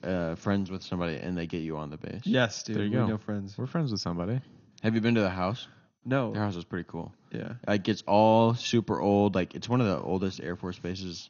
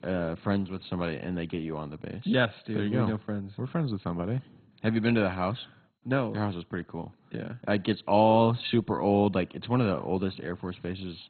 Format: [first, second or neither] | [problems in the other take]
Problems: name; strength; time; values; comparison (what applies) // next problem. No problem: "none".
first | garbled, watery; badly; nothing above 4 kHz; slightly in the first